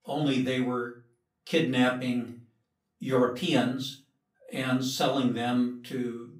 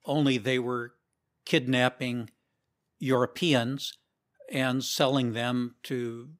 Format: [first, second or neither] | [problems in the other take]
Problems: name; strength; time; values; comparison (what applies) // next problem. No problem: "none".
second | off-mic speech; far // room echo; slight; dies away in 0.3 s